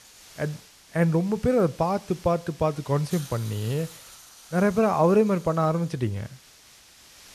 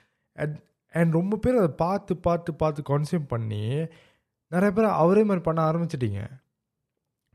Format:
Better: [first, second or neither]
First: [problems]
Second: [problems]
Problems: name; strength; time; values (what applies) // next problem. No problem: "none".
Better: second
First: hiss; faint; throughout; 20 dB below the speech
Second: none